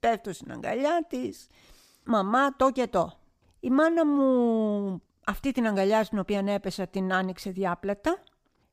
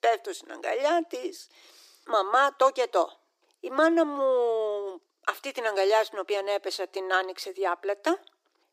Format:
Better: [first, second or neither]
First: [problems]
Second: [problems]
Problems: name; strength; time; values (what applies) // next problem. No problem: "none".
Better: first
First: none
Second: thin; very; fading below 300 Hz